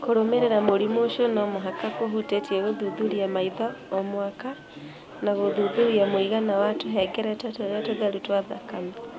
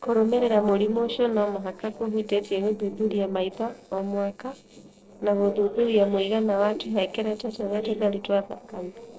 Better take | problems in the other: first | noise reduction (neural separator model SepFormer DNS4)

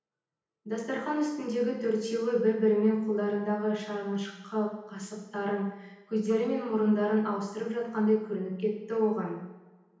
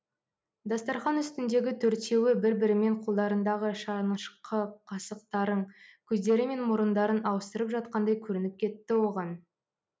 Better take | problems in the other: second | room echo; dies away in 0.9 s

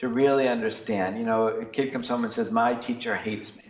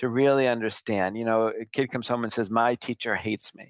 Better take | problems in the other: second | noise reduction (neural separator model SepFormer DNS4)

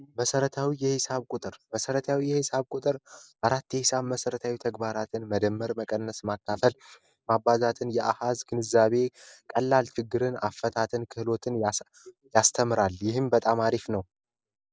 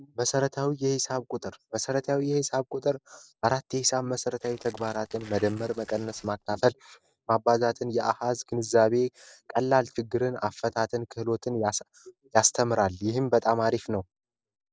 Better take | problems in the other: first | noise reduction (neural separator model SepFormer DNS4)

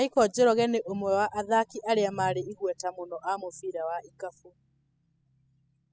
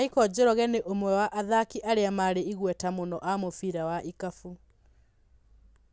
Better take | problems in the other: second | noise reduction (classical method spectral subtraction)

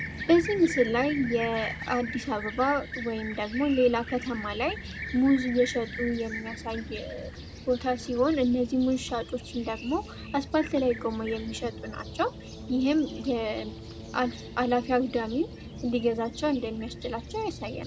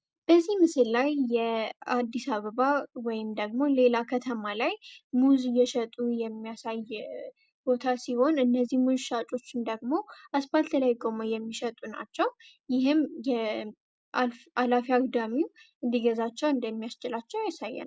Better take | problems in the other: second | background sound (Fixed-wing aircraft, airplane); 11 dB below the speech

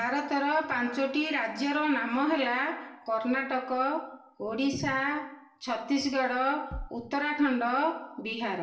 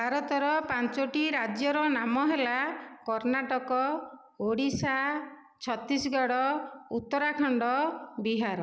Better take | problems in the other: second | background sound (Bass drum); 10 dB below the speech // room echo; dies away in 0.4 s

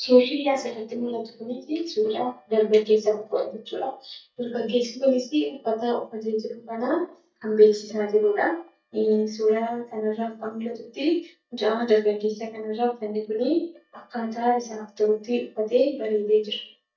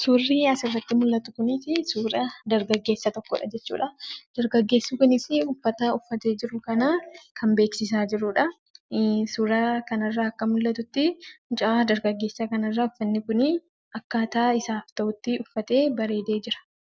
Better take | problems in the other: second | noise reduction (neural mask model DeepFilterNet 3)

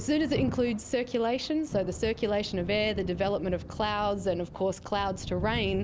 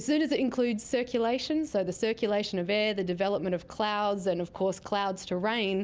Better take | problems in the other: second | background sound (Thunder); 10 dB below the speech

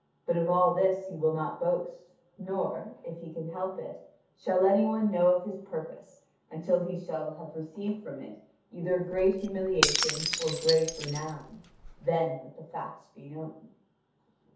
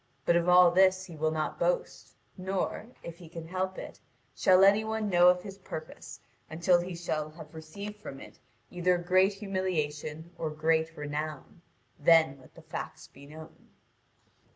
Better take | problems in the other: second | background sound (Shatter / Crushing); 3 dB below the speech // room echo; dies away in 0.5 s

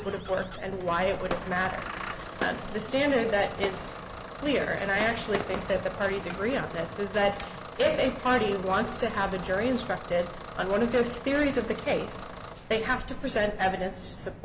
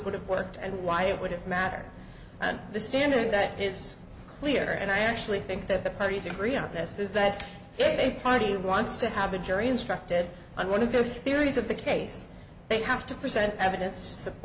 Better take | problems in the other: second | background sound (Engine starting / Bus + Fireworks); 11 dB below the speech

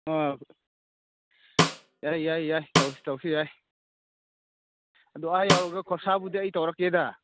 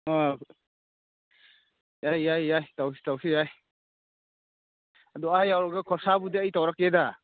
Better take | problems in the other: second | background sound (Snare drum); 2 dB above the speech

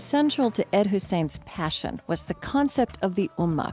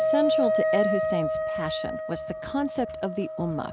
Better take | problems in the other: first | background sound (Wind instrument, woodwind instrument); 3 dB above the speech

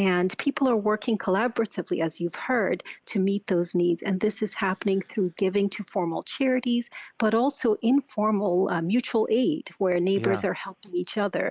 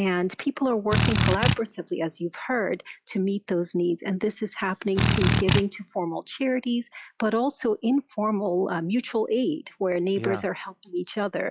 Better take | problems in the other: first | noise reduction (classical method log-MMSE)

